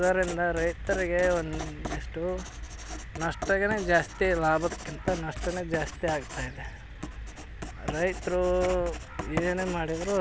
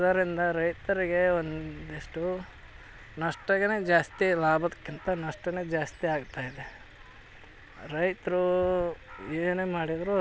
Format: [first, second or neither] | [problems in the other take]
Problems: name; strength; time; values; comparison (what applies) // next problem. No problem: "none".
second | background sound (Writing); 8 dB below the speech